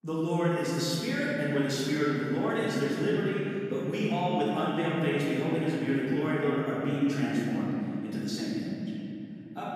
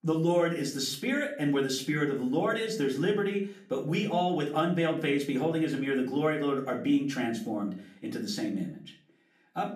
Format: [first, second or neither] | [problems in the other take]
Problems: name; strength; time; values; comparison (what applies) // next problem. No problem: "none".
second | room echo; strong; dies away in 3 s; slight in the second // off-mic speech; far; far in the second